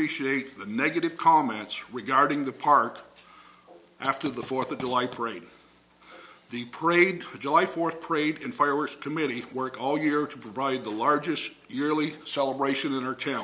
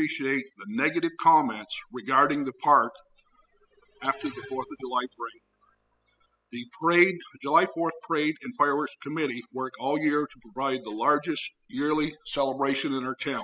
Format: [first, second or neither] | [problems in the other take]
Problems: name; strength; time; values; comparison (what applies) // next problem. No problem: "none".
first | noise reduction (classical method spectral subtraction)